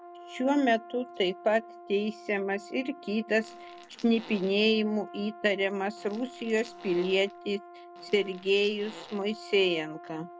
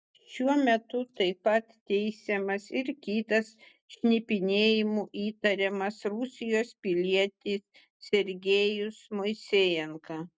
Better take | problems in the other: second | background sound (Brass instrument + Fart); 17 dB below the speech

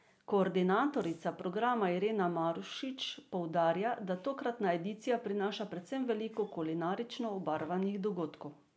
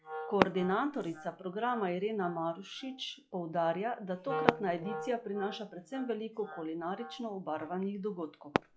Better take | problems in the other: first | noise reduction (classical method log-MMSE)

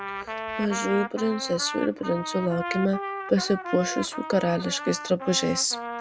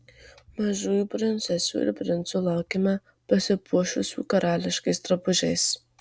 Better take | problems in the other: second | background sound (Trumpet); 8 dB below the speech

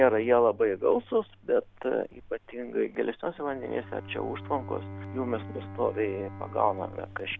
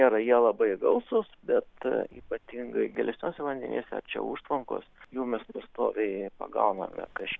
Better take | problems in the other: second | background sound (Bowed string instrument); 15 dB below the speech

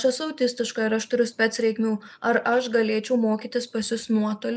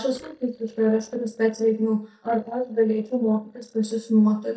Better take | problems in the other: first | noise reduction (neural mask model DeepFilterNet 3)

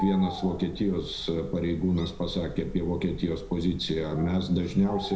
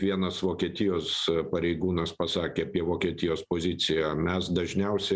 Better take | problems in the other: second | background sound (Bird); 13 dB below the speech // room echo; dies away in 0.4 s

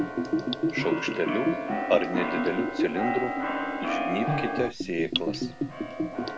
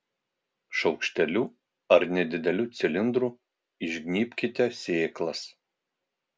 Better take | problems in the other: second | background sound (Keyboard (musical) + Bathtub (filling or washing) / Gurgling); 2 dB above the speech

